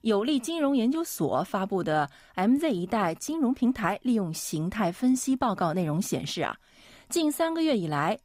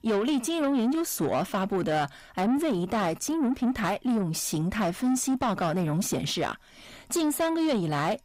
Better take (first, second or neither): first